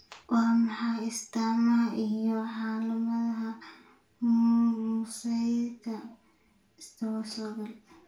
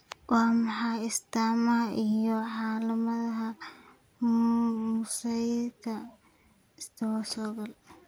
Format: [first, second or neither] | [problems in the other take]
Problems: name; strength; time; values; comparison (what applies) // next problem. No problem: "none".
second | room echo; dies away in 0.3 s